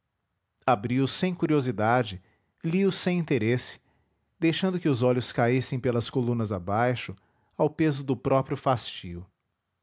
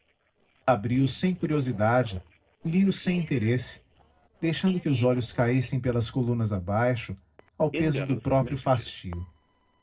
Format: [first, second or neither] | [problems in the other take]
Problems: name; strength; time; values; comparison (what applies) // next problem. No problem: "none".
first | noise reduction (neural separator model SepFormer DNS4)